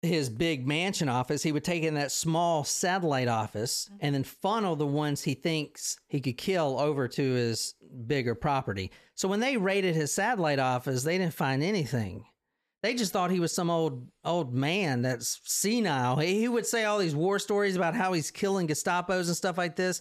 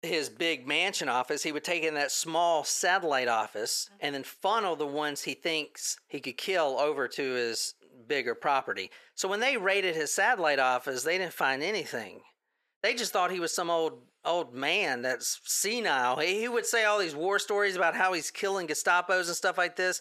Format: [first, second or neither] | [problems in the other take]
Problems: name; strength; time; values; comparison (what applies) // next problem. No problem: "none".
first | thin; very; fading below 500 Hz